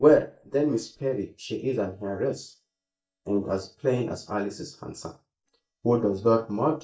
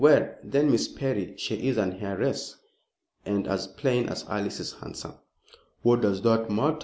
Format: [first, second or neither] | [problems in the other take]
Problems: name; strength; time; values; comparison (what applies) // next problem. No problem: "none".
second | noise reduction (neural mask model DeepFilterNet 3)